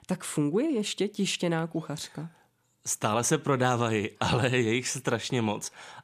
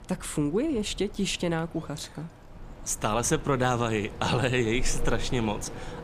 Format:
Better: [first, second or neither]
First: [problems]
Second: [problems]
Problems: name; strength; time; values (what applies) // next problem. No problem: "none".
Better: first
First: none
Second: wind in the background; noticeable; throughout; 15 dB below the speech